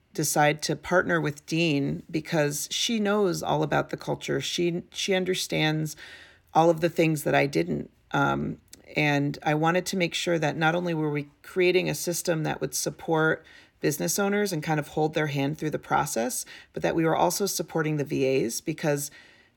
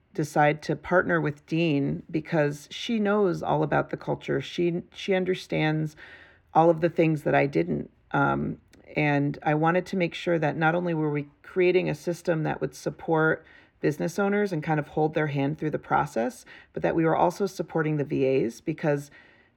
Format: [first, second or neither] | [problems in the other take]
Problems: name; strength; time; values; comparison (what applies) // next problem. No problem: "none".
first | muffled; slightly; fading above 3.5 kHz